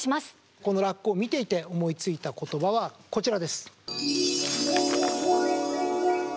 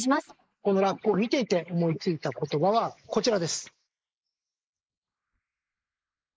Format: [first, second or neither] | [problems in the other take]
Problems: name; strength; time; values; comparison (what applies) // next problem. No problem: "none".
first | noise reduction (neural mask model Resemble Enhance denoiser)